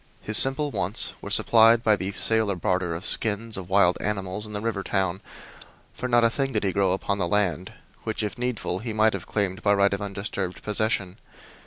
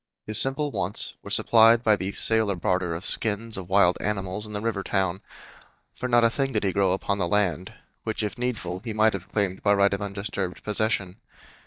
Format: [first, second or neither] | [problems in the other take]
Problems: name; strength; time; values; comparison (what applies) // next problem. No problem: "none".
first | noise reduction (neural mask model DeepFilterNet 3)